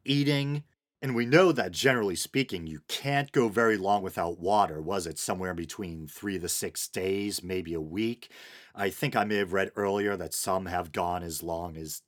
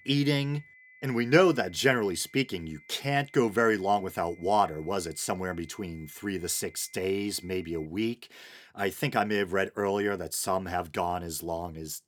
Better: first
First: none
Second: high-pitched whine; faint; until 8 s; 2 kHz, 25 dB below the speech

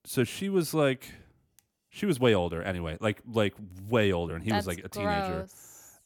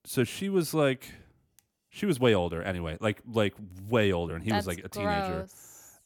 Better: neither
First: none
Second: none

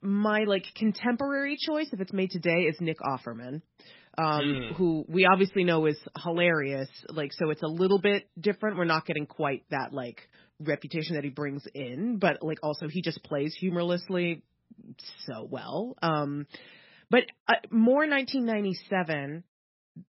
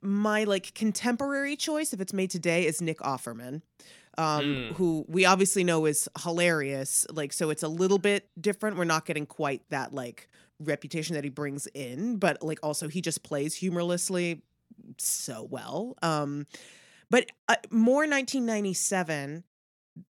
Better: second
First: garbled, watery; badly; nothing above 5.5 kHz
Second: none

